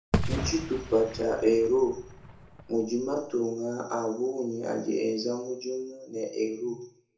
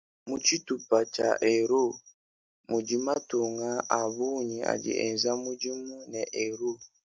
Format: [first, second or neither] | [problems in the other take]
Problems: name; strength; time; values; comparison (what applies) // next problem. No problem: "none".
second | background sound (Fireworks); 5 dB below the speech // room echo; dies away in 0.7 s